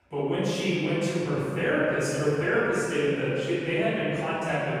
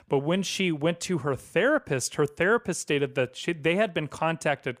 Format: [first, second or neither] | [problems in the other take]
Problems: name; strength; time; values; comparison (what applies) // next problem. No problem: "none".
second | room echo; strong; dies away in 2.2 s // off-mic speech; far